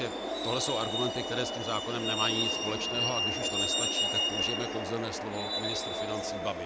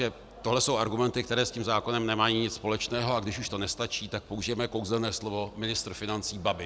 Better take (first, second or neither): second